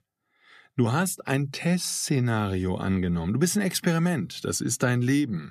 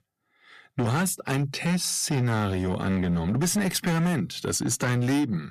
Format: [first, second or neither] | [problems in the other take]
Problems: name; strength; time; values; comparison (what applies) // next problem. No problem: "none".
first | distortion; slight; 14% of the sound clipped